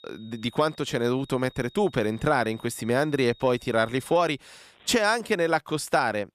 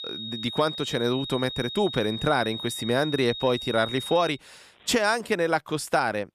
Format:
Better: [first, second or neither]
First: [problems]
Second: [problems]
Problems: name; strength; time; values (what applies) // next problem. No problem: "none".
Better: first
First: high-pitched whine; faint; until 4.5 s; 3.5 kHz, 25 dB below the speech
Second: high-pitched whine; loud; until 4.5 s; 3.5 kHz, 7 dB below the speech